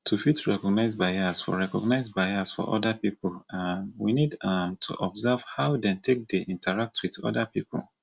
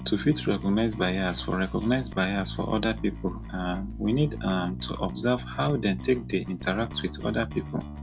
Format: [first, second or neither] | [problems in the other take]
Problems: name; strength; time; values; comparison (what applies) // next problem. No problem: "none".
first | background sound (Bass guitar); 9 dB below the speech